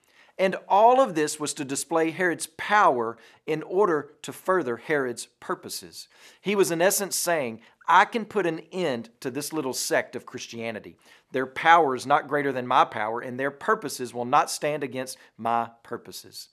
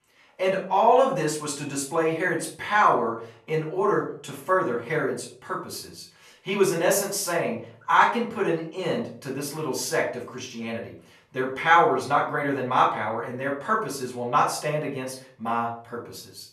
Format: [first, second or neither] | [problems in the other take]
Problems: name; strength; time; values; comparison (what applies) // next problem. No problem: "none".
first | room echo; slight; dies away in 0.4 s // off-mic speech; far